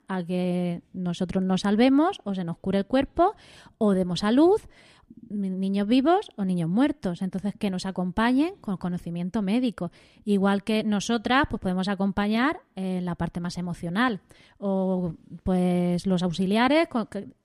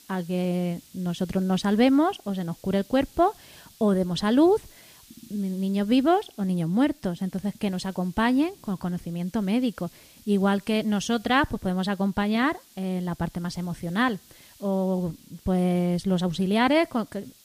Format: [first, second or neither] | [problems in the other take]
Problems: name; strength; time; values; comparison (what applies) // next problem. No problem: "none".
first | hiss; faint; throughout; 25 dB below the speech